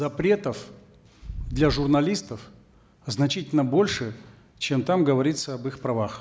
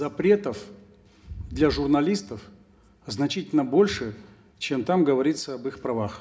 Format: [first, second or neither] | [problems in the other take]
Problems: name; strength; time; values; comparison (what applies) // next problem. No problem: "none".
first | room echo; dies away in 0.3 s